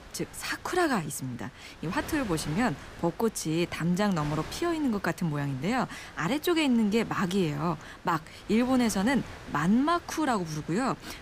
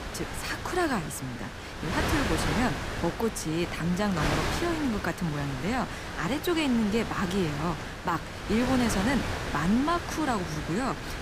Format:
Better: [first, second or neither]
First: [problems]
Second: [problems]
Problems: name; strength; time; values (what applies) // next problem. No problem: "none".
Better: first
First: wind noise on the microphone; occasional gusts; 15 dB below the speech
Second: wind noise on the microphone; heavy; 3 dB below the speech